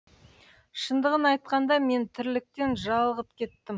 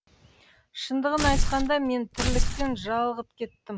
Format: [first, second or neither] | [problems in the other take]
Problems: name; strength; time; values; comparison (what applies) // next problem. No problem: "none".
first | background sound (Tearing); 3 dB above the speech